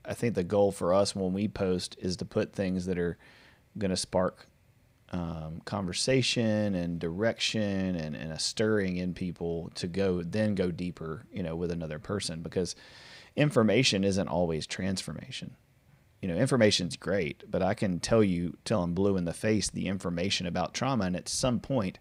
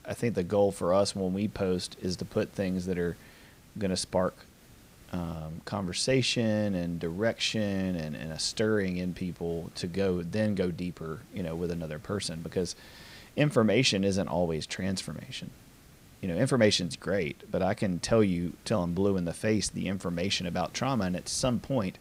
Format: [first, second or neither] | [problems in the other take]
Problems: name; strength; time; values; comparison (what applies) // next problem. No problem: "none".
first | hiss; faint; throughout; 25 dB below the speech